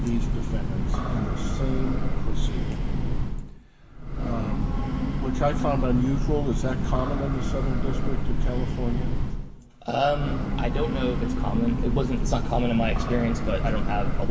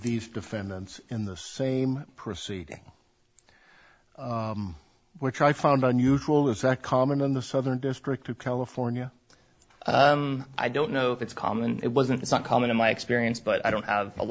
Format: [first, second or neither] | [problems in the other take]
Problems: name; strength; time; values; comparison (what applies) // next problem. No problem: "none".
second | background sound (Train / Breathing); 5 dB above the speech // room echo; dies away in 2 s